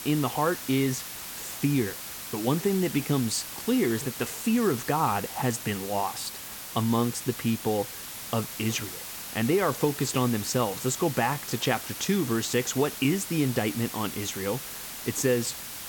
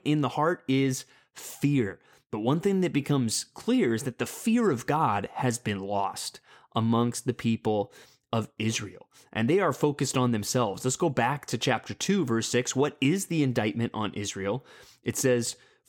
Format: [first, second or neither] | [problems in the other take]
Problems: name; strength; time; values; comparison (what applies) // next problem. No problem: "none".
second | hiss; loud; throughout; 8 dB below the speech